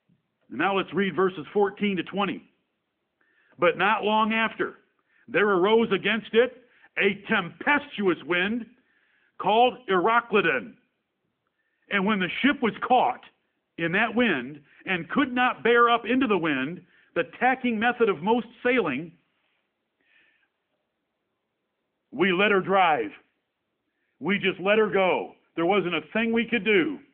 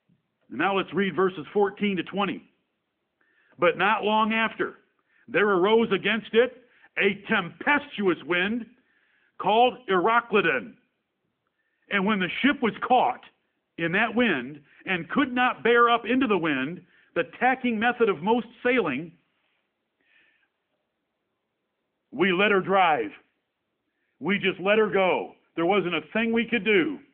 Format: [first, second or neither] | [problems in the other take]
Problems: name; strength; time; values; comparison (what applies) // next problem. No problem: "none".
neither | phone-call audio; nothing above 3.5 kHz; the same in both